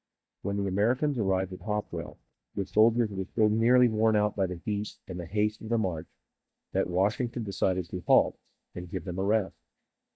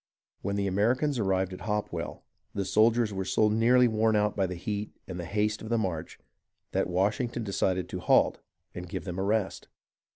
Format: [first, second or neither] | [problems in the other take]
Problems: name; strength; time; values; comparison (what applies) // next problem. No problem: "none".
second | noise reduction (neural mask model DeepFilterNet 3)